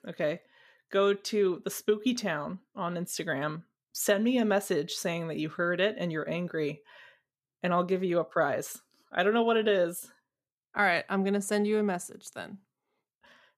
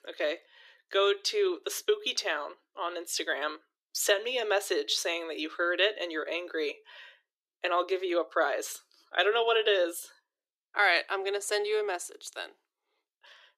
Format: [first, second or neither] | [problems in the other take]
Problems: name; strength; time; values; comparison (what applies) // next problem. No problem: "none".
first | thin; very; fading below 300 Hz